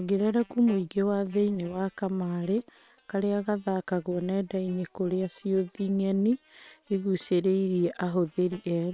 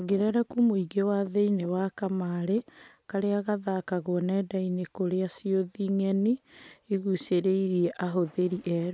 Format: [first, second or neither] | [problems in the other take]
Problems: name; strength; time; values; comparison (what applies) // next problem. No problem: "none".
second | noise reduction (neural separator model SepFormer WHAM!)